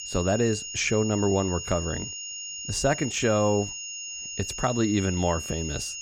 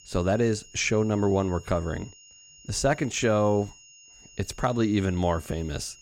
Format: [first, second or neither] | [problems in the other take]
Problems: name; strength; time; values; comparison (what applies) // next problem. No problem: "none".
second | high-pitched whine; loud; throughout; 6.5 kHz, 7 dB below the speech; faint in the second